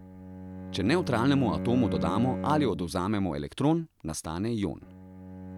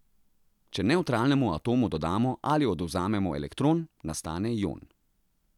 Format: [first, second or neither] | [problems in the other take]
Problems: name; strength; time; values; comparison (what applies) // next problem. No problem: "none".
second | background sound (Bowed string instrument); 8 dB below the speech